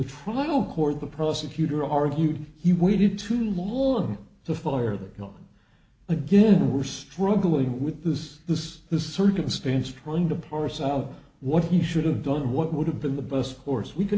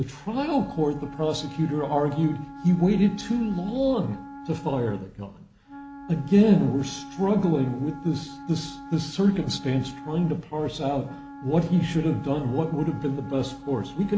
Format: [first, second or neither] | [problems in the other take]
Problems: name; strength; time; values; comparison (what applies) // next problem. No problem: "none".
first | background sound (Wind instrument, woodwind instrument); 16 dB below the speech